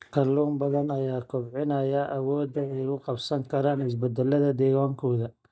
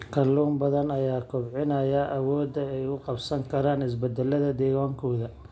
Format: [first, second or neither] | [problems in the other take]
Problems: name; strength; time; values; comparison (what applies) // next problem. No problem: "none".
second | noise reduction (neural mask model DeepFilterNet 3)